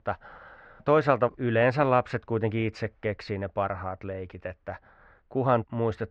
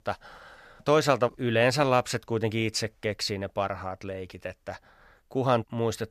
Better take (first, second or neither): second